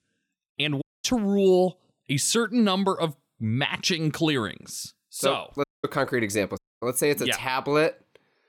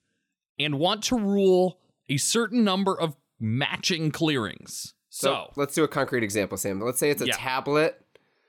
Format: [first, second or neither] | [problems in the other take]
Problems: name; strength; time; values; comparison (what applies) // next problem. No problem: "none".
second | audio cutting out; at 1 s, at 5.5 s and at 6.5 s